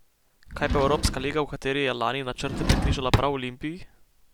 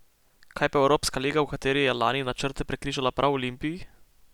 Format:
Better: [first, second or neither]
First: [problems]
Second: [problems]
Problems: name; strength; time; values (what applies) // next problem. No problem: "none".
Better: second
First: background sound (Drawer open or close); 1 dB above the speech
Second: none